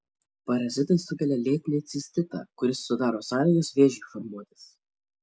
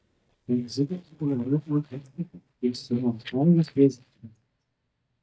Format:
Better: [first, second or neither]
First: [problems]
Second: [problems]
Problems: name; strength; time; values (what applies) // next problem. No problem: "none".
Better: first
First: none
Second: noise reduction (neural mask model DeepFilterNet 3)